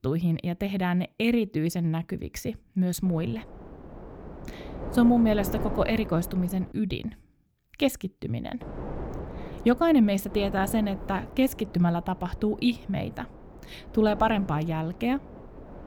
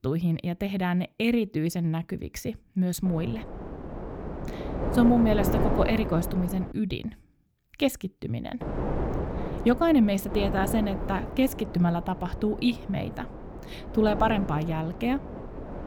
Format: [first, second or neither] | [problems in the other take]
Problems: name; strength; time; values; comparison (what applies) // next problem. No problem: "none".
first | wind noise on the microphone; heavy; from 3 to 6.5 s and from 8.5 s on; 7 dB below the speech; occasional gusts in the first